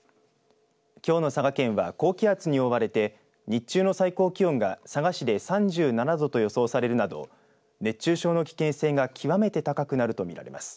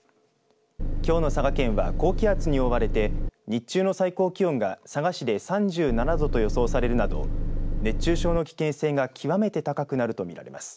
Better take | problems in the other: first | background sound (Engine); 2 dB above the speech

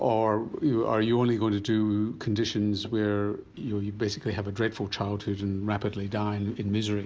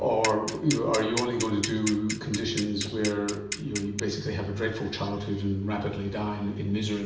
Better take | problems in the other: first | background sound (Clock); 8 dB below the speech // room echo; dies away in 0.8 s

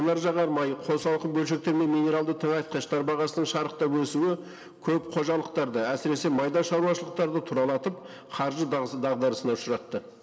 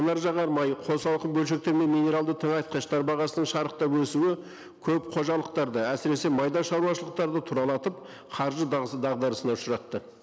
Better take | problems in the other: second | room echo; dies away in 2.4 s

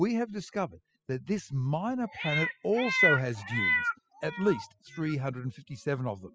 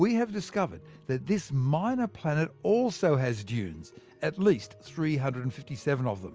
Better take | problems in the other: second | noise reduction (classical method spectral subtraction)

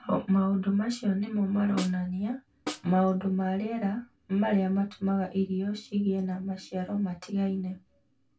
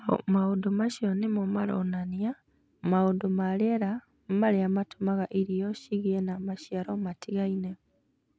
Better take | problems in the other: second | background sound (Snare drum); 13 dB below the speech // room echo; dies away in 0.2 s

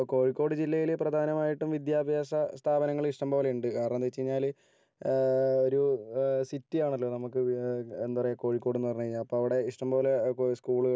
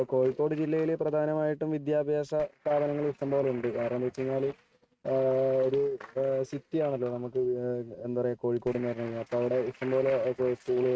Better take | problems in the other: first | noise reduction (neural mask model RNNoise)

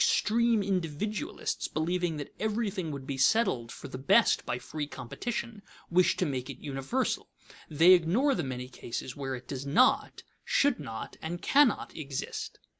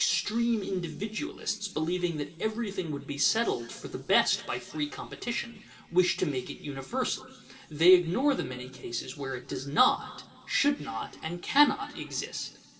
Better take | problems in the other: first | room echo; dies away in 2.7 s

